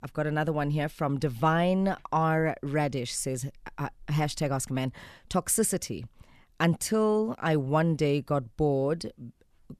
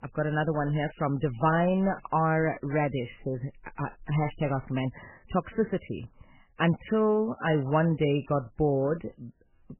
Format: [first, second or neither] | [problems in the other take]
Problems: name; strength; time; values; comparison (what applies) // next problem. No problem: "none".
first | garbled, watery; badly; nothing above 3 kHz